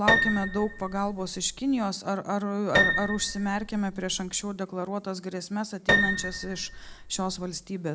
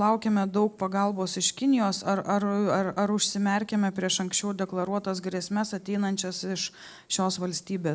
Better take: second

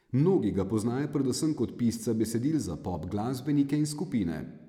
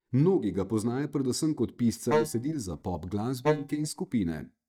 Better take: first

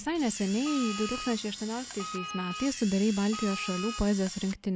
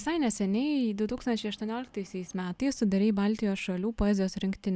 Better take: second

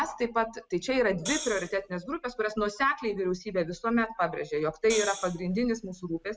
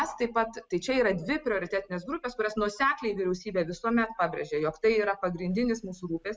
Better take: second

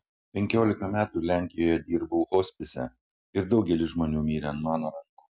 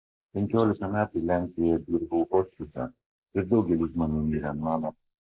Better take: first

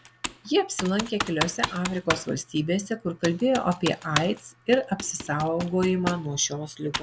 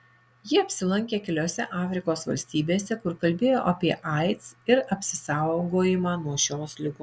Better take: second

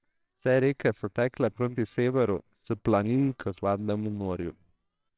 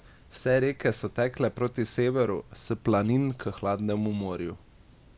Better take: second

